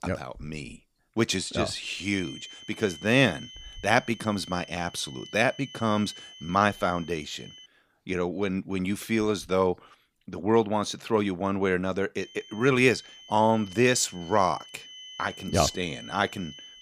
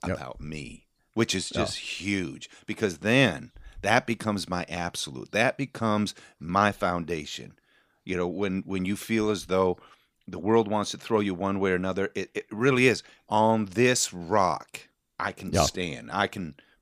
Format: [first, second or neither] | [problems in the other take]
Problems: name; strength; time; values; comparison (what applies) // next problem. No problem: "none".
second | high-pitched whine; noticeable; from 2 to 7.5 s and from 12 s on; 3 kHz, 15 dB below the speech